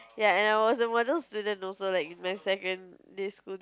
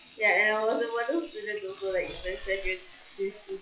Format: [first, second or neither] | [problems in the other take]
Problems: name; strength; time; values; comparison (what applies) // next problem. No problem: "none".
first | noise reduction (classical method WPE with log-MMSE)